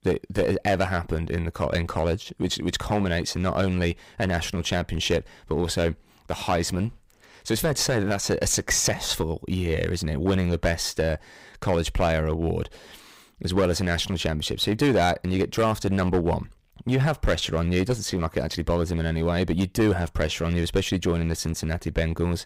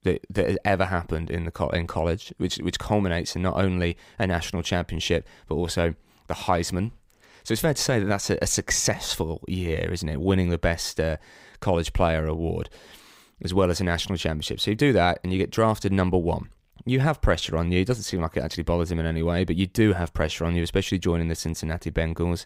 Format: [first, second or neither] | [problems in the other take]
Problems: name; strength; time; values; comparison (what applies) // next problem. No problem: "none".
second | distortion; slight; 6% of the sound clipped